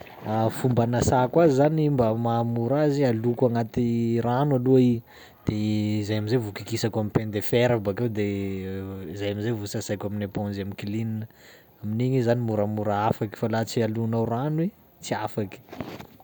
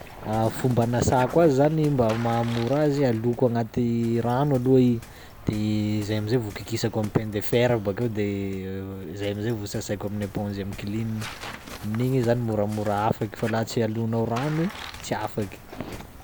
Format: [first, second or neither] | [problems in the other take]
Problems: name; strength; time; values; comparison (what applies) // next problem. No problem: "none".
first | background sound (Waves, surf + Tearing); 17 dB below the speech